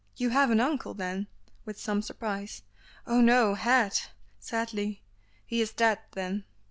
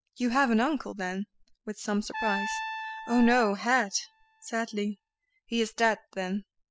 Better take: first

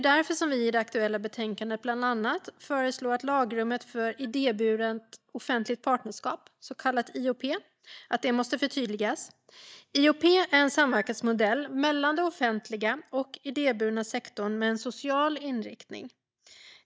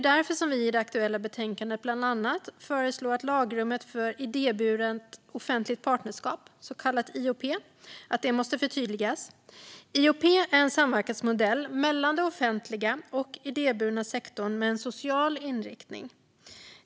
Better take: second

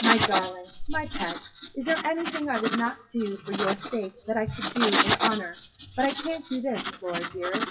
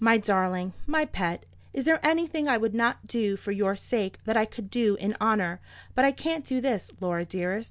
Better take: second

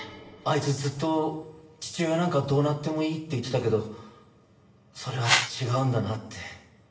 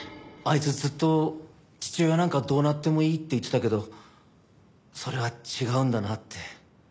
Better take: second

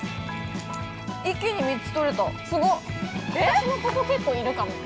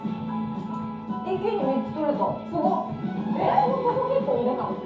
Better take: first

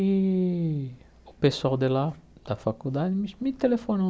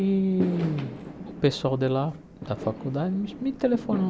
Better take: first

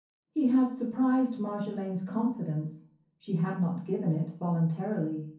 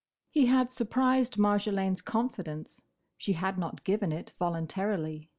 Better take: second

